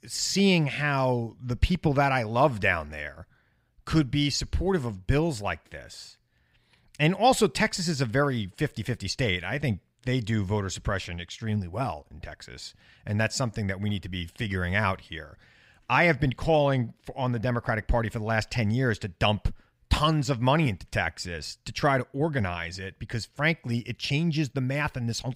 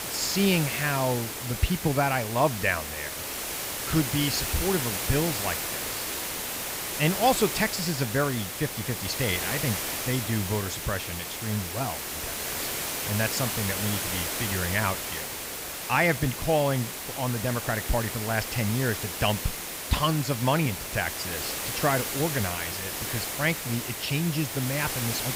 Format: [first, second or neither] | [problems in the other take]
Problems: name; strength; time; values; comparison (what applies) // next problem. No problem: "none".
first | hiss; loud; throughout; 2 dB below the speech